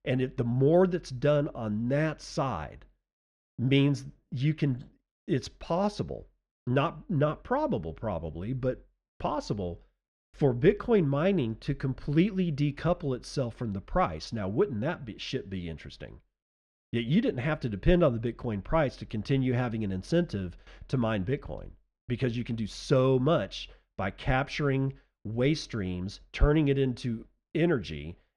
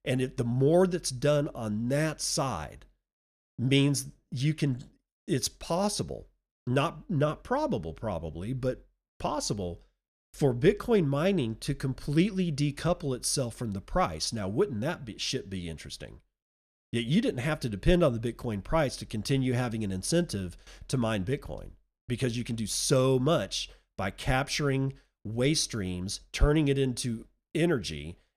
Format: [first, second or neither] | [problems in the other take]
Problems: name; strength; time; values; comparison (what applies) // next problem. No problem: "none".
second | muffled; slightly; fading above 3 kHz